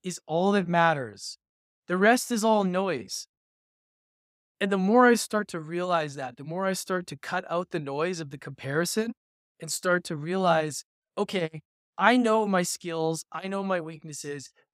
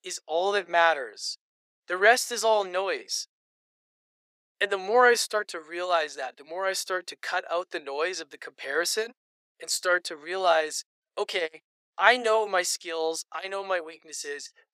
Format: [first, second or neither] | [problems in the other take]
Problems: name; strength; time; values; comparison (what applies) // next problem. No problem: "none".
first | thin; very; fading below 400 Hz